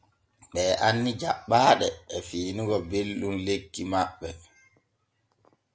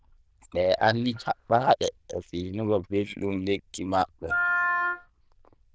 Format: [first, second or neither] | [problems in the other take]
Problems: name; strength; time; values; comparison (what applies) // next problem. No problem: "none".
first | noise reduction (neural diffusion model UNIVERSE++)